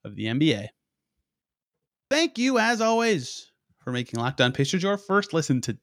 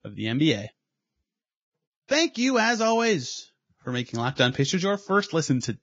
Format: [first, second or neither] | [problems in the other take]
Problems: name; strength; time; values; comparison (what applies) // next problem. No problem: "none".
first | garbled, watery; badly; nothing above 6 kHz